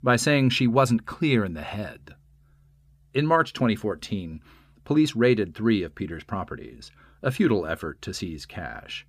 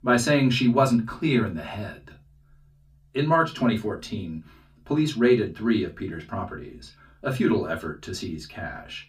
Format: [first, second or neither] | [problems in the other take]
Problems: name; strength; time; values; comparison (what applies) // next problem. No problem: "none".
first | off-mic speech; far // room echo; very slight; dies away in 0.2 s